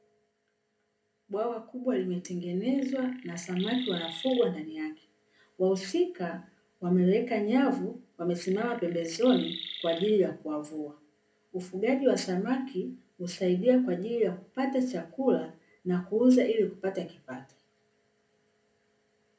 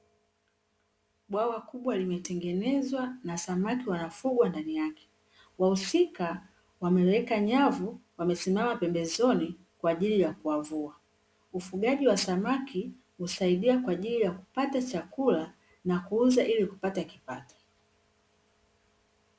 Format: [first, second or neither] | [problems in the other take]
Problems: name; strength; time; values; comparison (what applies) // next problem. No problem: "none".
second | background sound (Chirp, tweet); 13 dB below the speech // room echo; dies away in 0.3 s